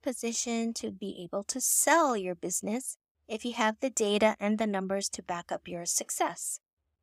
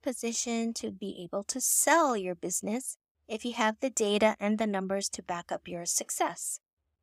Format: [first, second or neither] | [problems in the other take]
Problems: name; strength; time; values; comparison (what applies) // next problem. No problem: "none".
neither | none